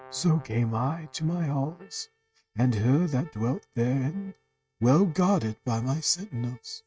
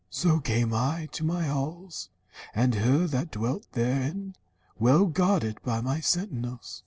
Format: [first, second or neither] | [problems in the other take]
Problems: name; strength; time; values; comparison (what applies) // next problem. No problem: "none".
second | noise reduction (neural mask model RNNoise)